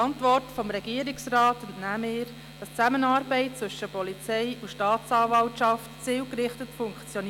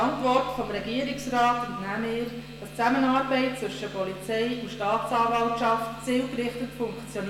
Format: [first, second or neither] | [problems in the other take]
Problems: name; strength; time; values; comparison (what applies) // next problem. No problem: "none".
first | room echo; dies away in 1.1 s